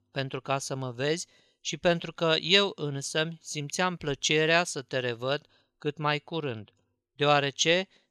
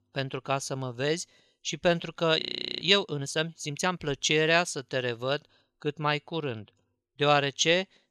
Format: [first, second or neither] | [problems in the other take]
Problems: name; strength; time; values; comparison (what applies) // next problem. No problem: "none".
first | audio freezing; at 2.5 s